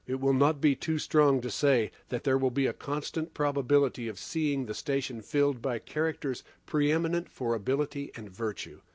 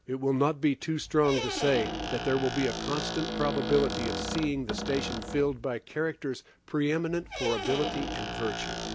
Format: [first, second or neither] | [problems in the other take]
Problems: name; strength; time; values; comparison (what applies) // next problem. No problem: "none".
first | background sound (Squeak); 6 dB below the speech